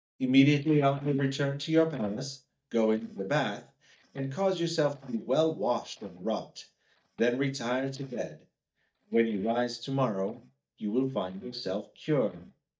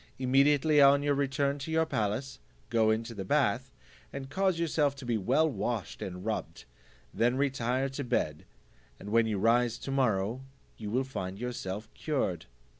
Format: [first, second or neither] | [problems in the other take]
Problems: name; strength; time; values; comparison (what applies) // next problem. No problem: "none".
second | noise reduction (neural mask model DeepFilterNet 3)